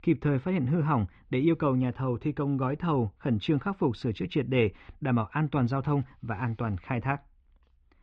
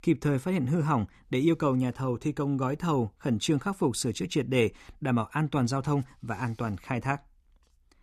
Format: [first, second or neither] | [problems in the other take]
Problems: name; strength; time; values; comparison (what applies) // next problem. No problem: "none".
second | muffled; very; fading above 3.5 kHz